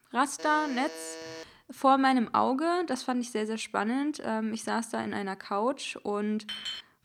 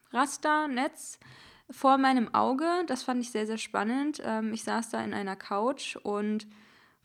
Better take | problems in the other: second | alarm; faint; until 1.5 s; peak 10 dB below the speech // clattering dishes; noticeable; at 6.5 s; peak 6 dB below the speech

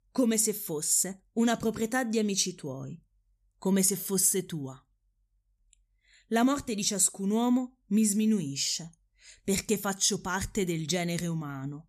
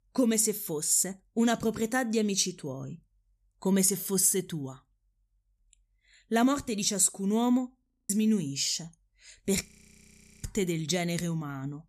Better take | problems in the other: first | audio freezing; at 8 s and at 9.5 s for 1 s

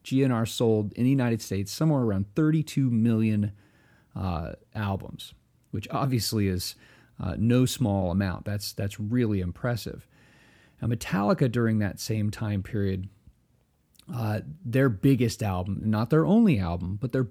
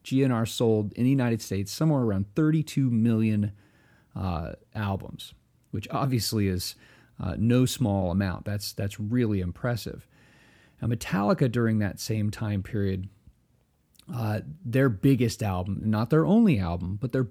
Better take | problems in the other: neither | none

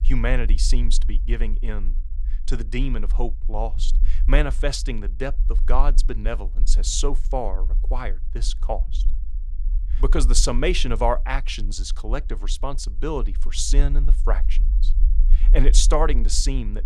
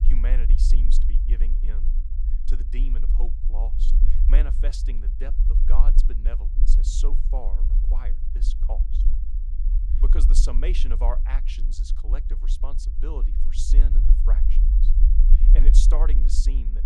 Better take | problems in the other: first | low rumble; loud; throughout; 7 dB below the speech; faint in the first

